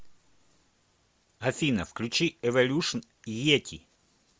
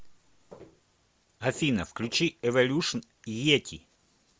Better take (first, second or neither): first